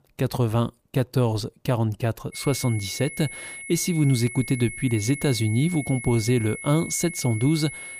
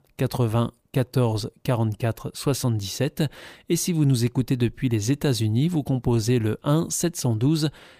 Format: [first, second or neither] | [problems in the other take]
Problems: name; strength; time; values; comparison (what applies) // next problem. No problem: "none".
second | high-pitched whine; noticeable; from 2.5 s on; 2 kHz, 10 dB below the speech